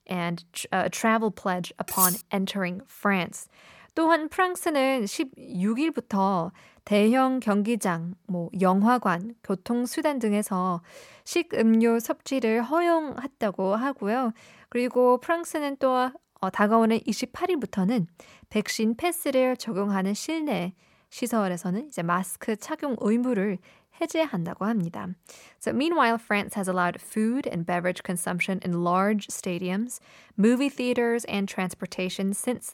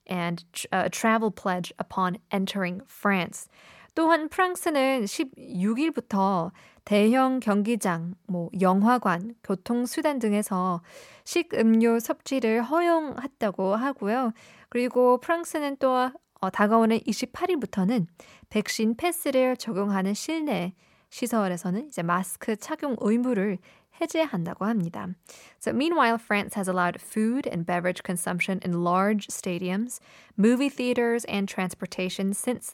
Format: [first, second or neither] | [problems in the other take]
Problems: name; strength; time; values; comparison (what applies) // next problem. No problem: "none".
second | clattering dishes; loud; at 2 s; peak 4 dB above the speech